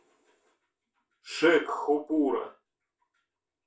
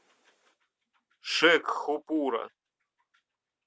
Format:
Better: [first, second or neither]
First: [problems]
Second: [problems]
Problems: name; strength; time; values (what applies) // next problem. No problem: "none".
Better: second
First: room echo; dies away in 0.3 s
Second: none